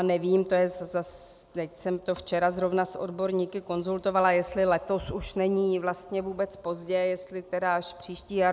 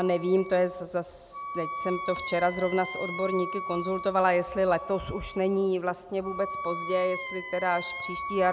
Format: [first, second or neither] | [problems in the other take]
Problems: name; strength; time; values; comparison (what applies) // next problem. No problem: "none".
first | background sound (Wind instrument, woodwind instrument); 9 dB below the speech